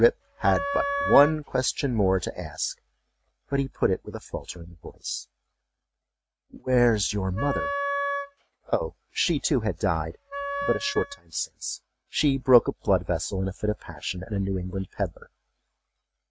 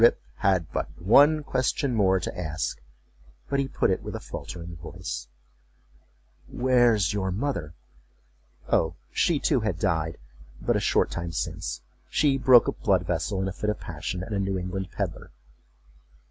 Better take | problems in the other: second | noise reduction (neural mask model RNNoise)

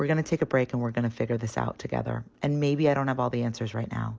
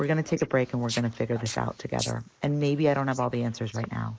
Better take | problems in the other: first | noise reduction (neural mask model Resemble Enhance denoiser)

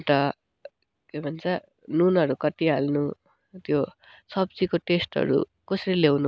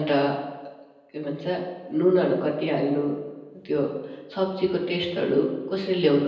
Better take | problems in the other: first | room echo; dies away in 1 s

